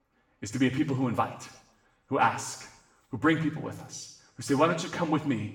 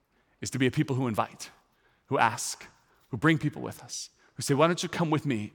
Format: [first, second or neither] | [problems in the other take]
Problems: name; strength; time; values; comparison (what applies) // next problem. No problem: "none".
second | room echo; slight; dies away in 0.7 s // off-mic speech; far